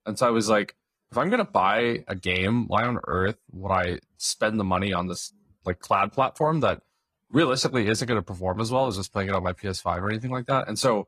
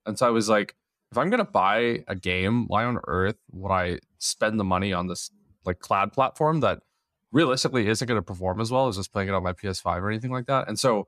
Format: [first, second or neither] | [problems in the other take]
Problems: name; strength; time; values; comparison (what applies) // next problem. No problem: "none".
second | garbled, watery; slightly; nothing above 14.5 kHz